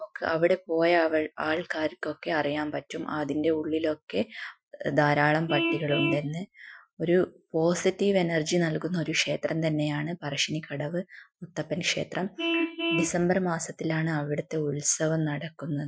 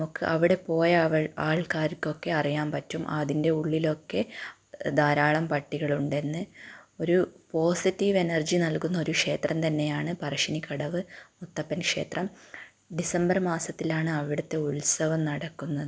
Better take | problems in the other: second | noise reduction (classical method Wiener filter)

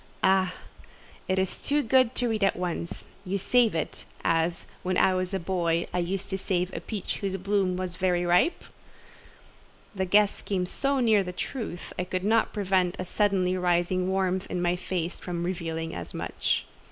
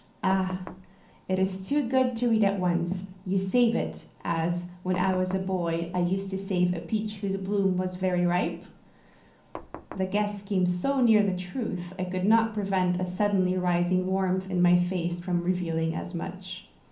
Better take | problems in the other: first | background sound (Knock); 15 dB below the speech // room echo; dies away in 0.6 s

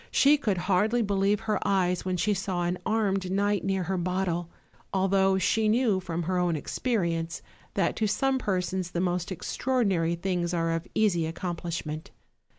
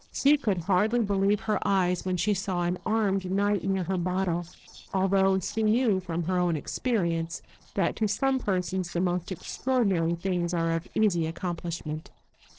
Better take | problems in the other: first | noise reduction (neural separator model SepFormer DNS4)

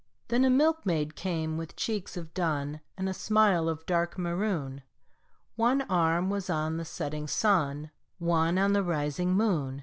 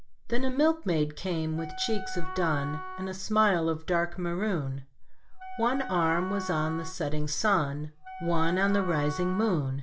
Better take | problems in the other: first | background sound (Wind instrument, woodwind instrument); 13 dB below the speech // room echo; dies away in 0.2 s

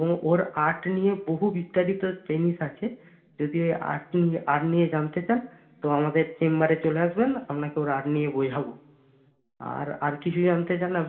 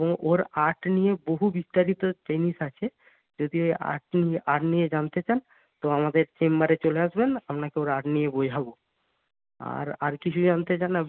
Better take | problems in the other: second | room echo; dies away in 1.9 s

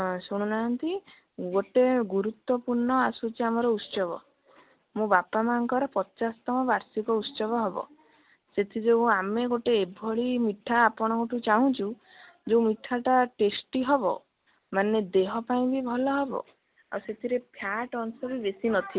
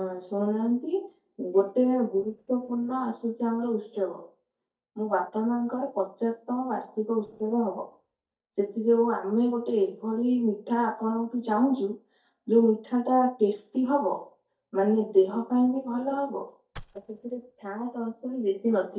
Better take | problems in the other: first | noise reduction (neural mask model DeepFilterNet 3)

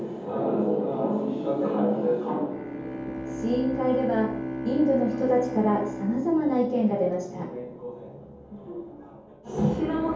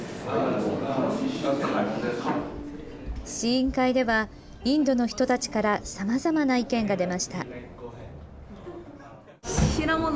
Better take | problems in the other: second | background sound (Bowed string instrument); 10 dB below the speech // room echo; dies away in 0.7 s

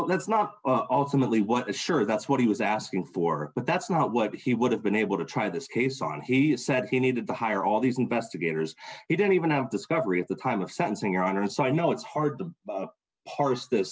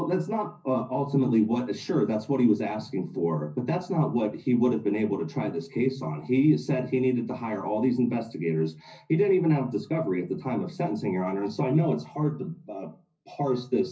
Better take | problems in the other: first | room echo; dies away in 0.4 s

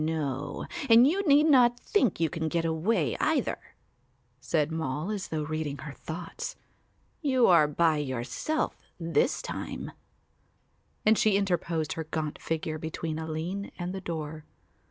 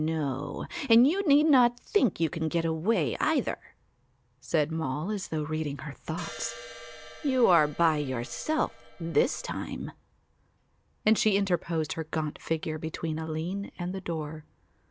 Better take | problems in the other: first | background sound (Crash cymbal); 16 dB below the speech

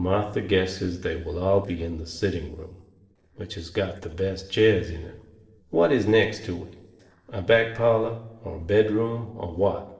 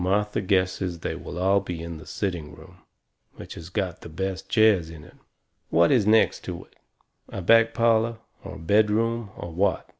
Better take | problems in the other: second | noise reduction (neural separator model SepFormer DNS4)

